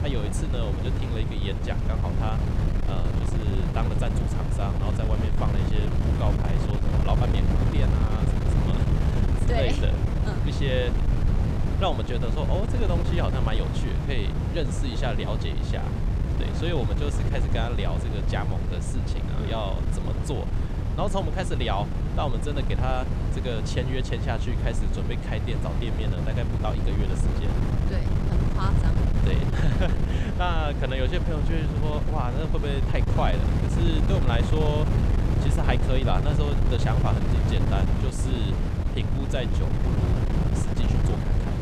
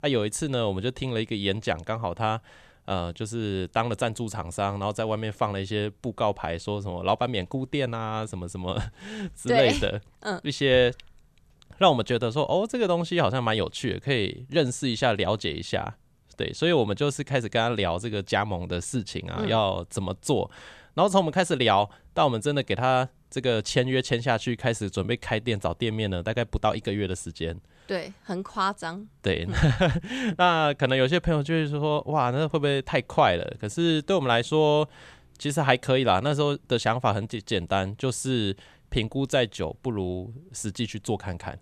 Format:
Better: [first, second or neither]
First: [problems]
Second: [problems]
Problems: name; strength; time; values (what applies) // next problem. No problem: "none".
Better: second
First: wind noise on the microphone; heavy; 2 dB below the speech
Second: none